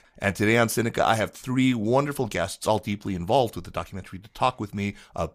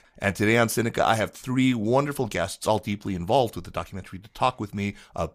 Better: neither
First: none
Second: none

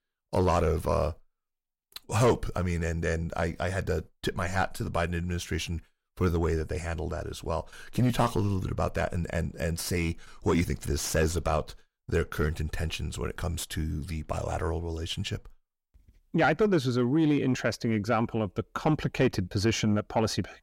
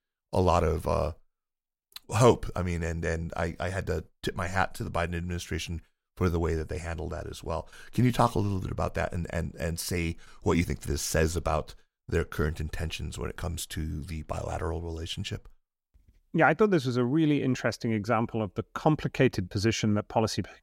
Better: second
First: distortion; slight; 10 dB below the speech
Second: none

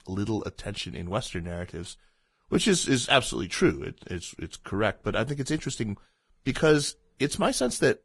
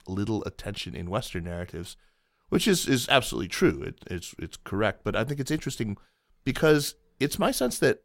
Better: second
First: garbled, watery; badly; nothing above 10.5 kHz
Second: none

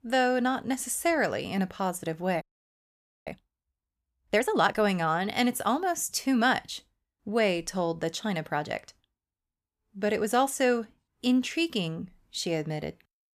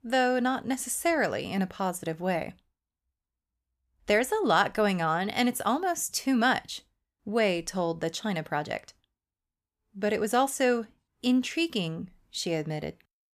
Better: second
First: audio freezing; at 2.5 s for 1 s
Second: none

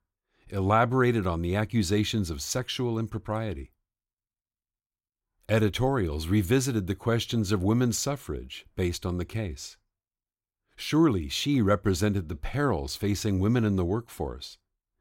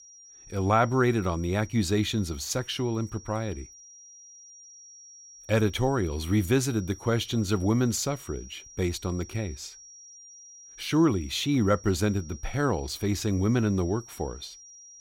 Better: first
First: none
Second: high-pitched whine; noticeable; throughout; 5.5 kHz, 20 dB below the speech

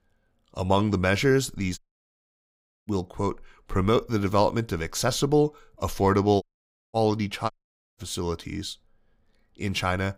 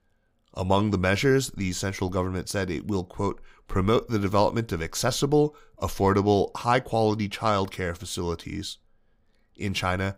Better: second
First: audio cutting out; at 2 s for 1 s, at 6.5 s for 0.5 s and at 7.5 s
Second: none

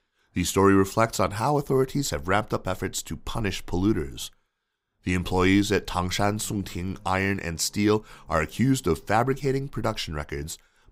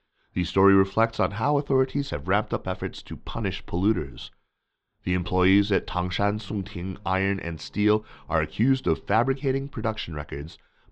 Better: first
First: none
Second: muffled; slightly; fading above 3.5 kHz

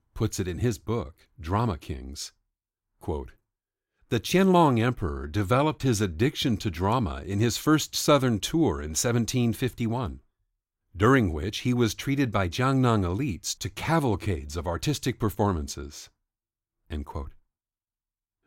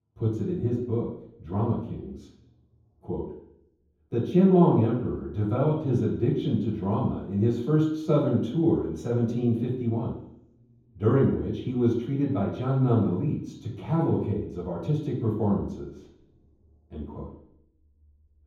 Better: first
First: none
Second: room echo; strong; dies away in 0.9 s // off-mic speech; far

